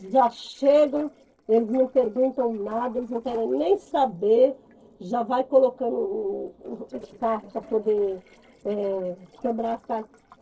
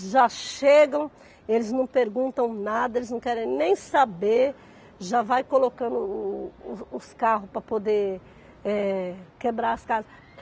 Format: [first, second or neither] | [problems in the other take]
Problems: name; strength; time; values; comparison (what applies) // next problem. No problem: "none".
second | noise reduction (neural separator model SepFormer DNS4)